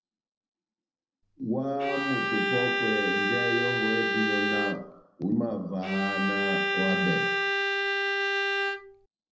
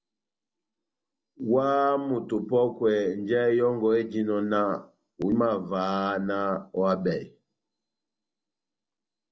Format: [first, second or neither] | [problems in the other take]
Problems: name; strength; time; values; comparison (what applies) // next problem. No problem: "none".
second | background sound (Bowed string instrument); 3 dB above the speech // room echo; dies away in 0.7 s